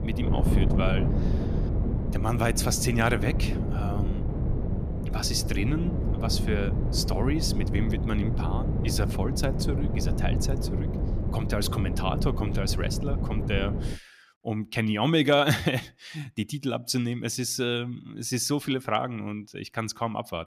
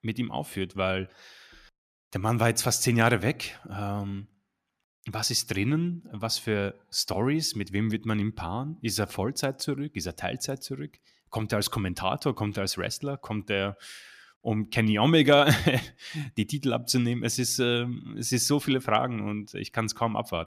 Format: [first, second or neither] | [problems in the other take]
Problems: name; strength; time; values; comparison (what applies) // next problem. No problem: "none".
second | wind noise on the microphone; heavy; until 14 s; 7 dB below the speech